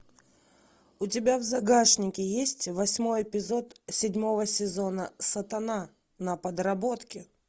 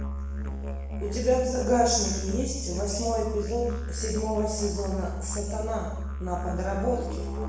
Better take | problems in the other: first | background sound (Musical instrument); 3 dB below the speech // room echo; dies away in 0.9 s

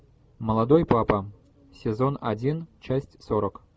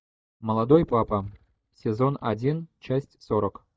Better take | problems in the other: first | noise reduction (neural mask model DeepFilterNet 3)

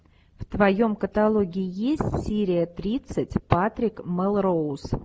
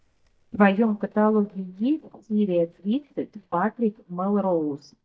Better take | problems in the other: first | noise reduction (neural mask model DeepFilterNet 3)

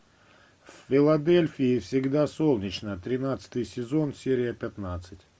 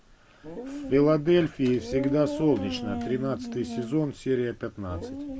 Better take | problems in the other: first | background sound (Dog); 9 dB below the speech

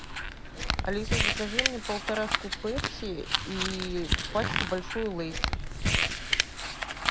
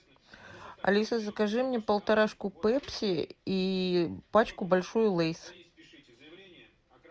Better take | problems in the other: second | background sound (Crumpling, crinkling); 4 dB above the speech

